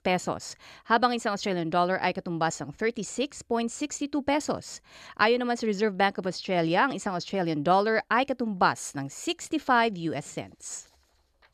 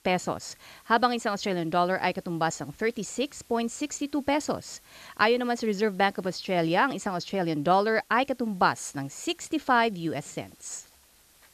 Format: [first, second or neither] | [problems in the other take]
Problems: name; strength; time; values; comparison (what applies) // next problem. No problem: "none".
first | hiss; faint; throughout; 30 dB below the speech